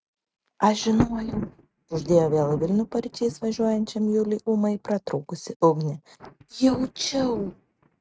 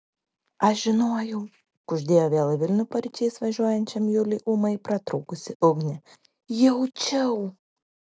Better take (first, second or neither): second